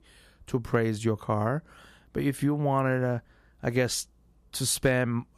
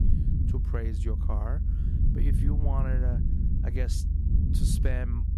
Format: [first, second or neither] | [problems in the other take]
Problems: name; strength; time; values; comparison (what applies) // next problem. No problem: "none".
first | low rumble; loud; throughout; 2 dB below the speech